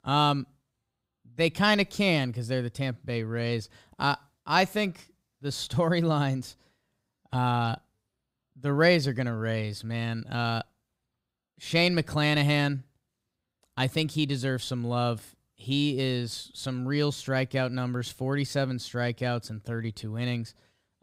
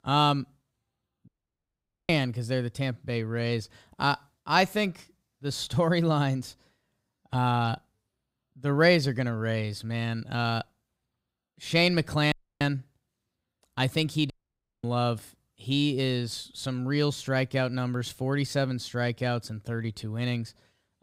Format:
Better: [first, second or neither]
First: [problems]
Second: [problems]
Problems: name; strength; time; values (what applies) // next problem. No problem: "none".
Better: first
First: none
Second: audio cutting out; at 1.5 s for 1 s, at 12 s and at 14 s for 0.5 s